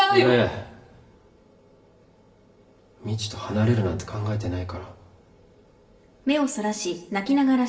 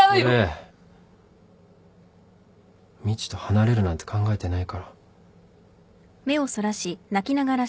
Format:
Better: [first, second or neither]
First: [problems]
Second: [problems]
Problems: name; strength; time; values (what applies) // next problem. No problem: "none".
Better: second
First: room echo; dies away in 0.8 s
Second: none